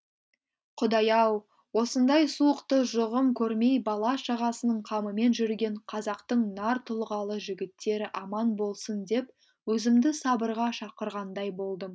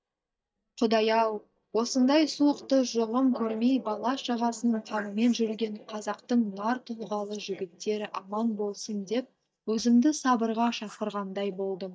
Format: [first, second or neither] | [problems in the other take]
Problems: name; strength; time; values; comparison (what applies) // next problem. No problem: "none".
first | noise reduction (neural mask model DeepFilterNet 3)